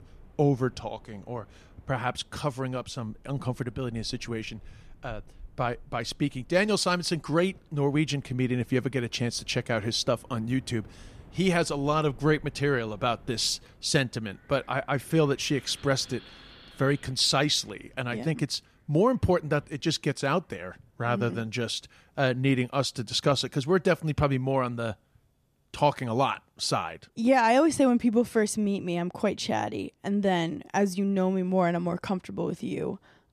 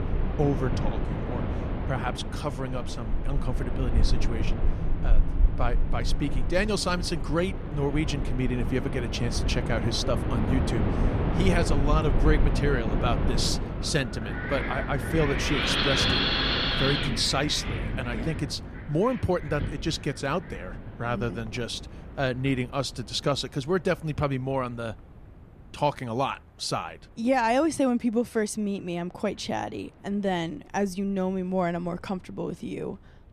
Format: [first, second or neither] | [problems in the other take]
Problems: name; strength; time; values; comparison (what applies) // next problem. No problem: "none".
first | wind in the background; loud; throughout; as loud as the speech; faint in the first